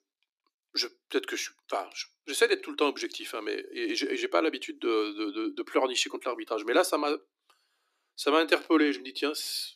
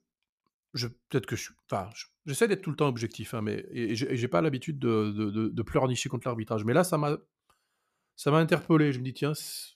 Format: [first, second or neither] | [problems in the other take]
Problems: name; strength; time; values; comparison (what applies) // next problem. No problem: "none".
second | thin; somewhat; fading below 300 Hz